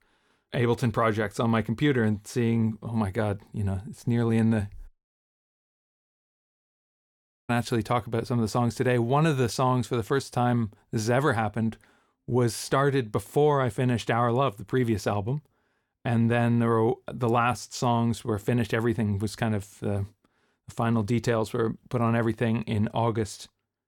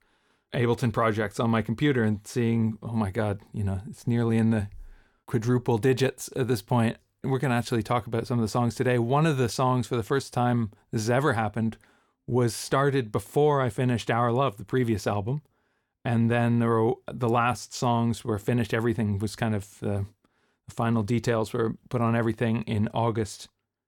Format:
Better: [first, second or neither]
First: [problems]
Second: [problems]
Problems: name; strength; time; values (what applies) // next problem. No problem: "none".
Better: second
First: audio cutting out; at 5 s for 2.5 s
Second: none